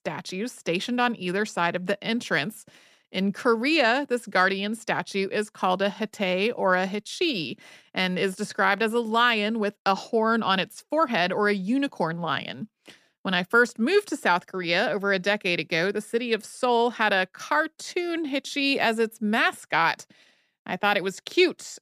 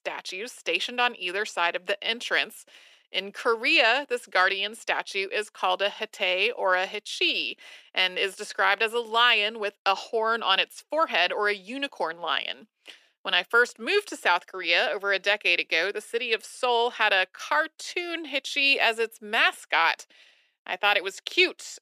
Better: first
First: none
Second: thin; somewhat; fading below 400 Hz

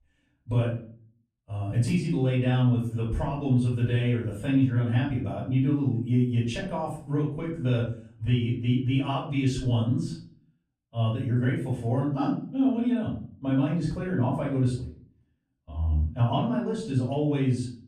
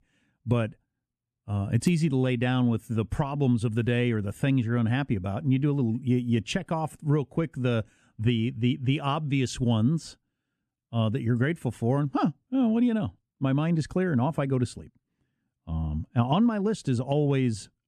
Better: second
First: off-mic speech; far // room echo; noticeable; dies away in 0.4 s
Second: none

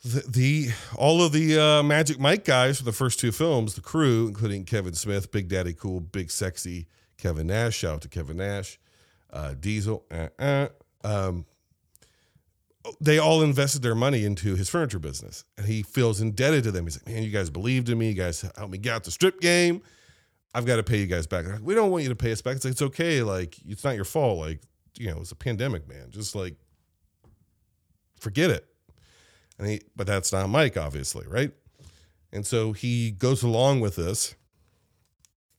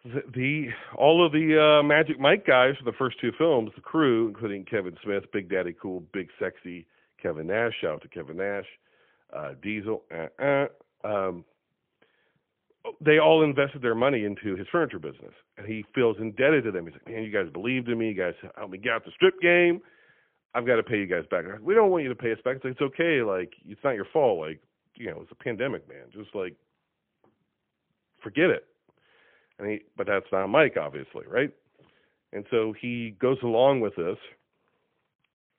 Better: first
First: none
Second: phone-call audio; poor line; nothing above 3.5 kHz

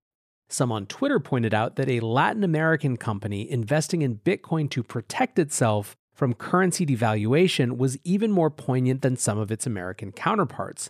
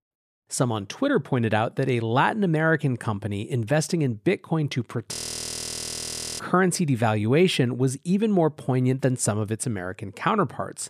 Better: first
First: none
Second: audio freezing; at 5 s for 1.5 s

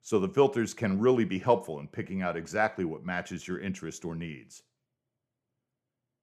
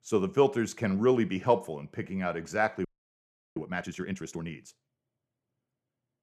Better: first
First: none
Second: audio freezing; at 3 s for 0.5 s

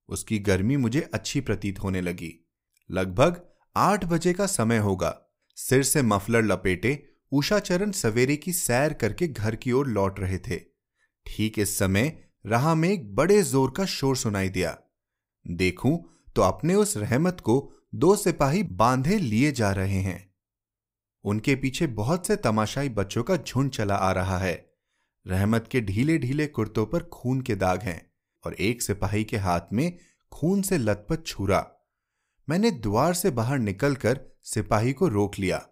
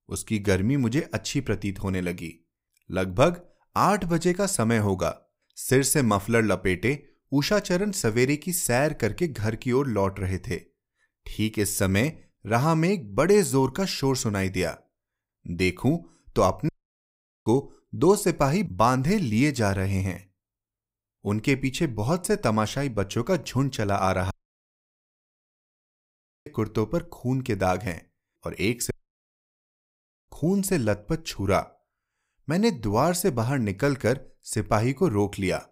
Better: first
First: none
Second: audio cutting out; at 17 s for 1 s, at 24 s for 2 s and at 29 s for 1.5 s

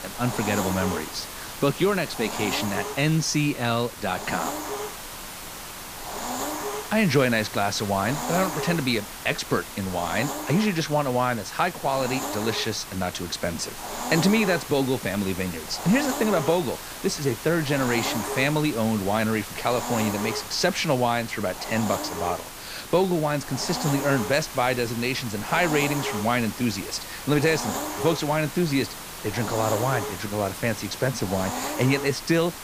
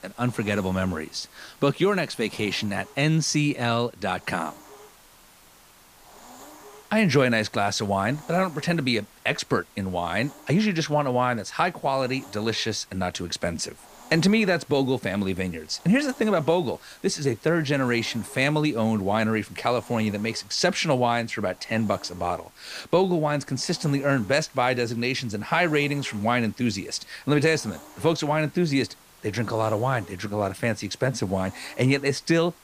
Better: second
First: hiss; loud; throughout; 7 dB below the speech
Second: hiss; faint; throughout; 25 dB below the speech

